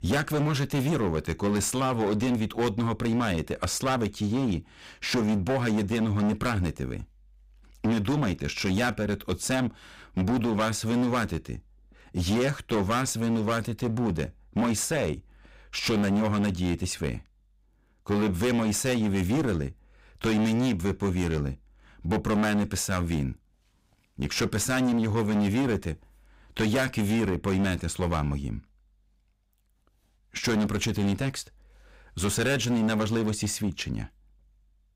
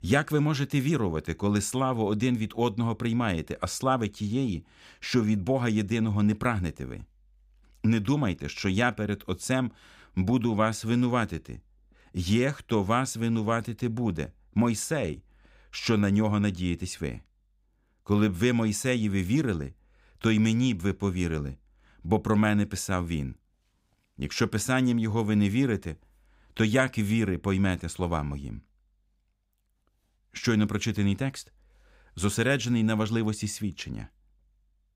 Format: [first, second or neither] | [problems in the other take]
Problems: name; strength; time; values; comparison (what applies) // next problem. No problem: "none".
second | distortion; heavy; 18% of the sound clipped